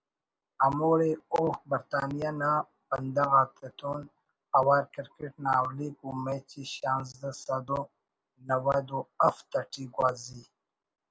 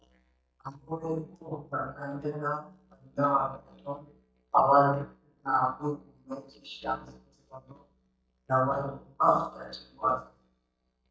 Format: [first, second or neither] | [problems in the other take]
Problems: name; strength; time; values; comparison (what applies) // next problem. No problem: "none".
first | noise reduction (neural mask model DeepFilterNet 3)